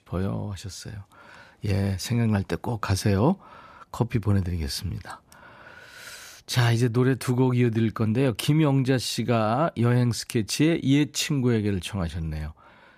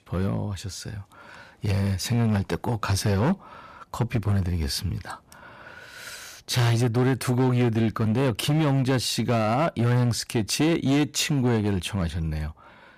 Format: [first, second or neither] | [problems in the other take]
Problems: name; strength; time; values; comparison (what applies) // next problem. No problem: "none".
first | distortion; slight; 11% of the sound clipped